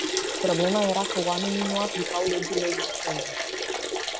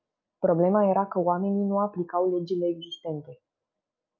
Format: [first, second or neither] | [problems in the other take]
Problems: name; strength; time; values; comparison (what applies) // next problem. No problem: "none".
second | background sound (Liquid); 1 dB below the speech